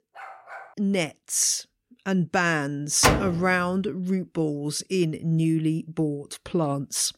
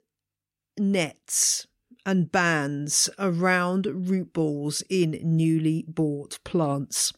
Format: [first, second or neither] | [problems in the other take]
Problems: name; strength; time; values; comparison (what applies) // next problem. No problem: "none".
second | dog barking; faint; at the start; peak 15 dB below the speech // door banging; loud; at 3 s; peak 3 dB above the speech